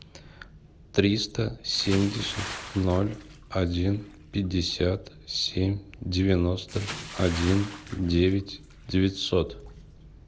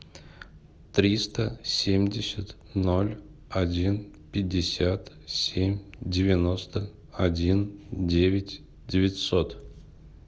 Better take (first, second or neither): second